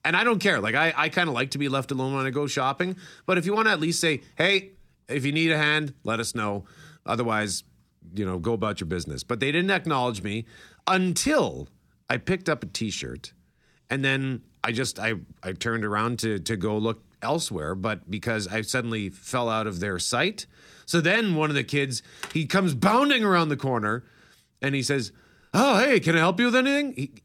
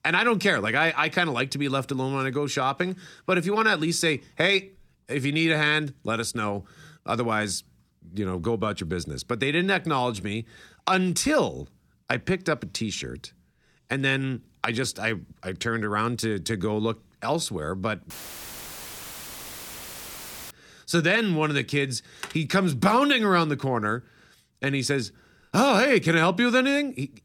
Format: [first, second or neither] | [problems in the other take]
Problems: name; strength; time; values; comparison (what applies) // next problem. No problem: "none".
first | audio cutting out; filled with static; at 18 s for 2.5 s